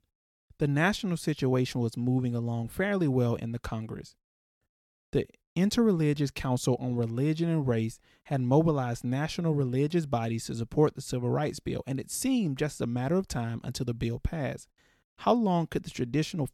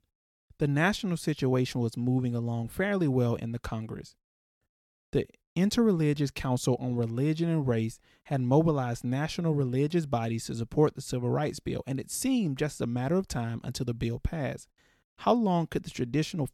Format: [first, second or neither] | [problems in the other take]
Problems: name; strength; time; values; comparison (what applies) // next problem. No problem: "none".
neither | none